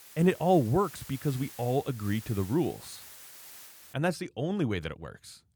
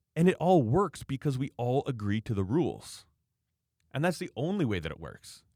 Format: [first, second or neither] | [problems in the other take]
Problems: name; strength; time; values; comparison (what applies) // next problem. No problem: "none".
second | hiss; noticeable; until 4 s; 15 dB below the speech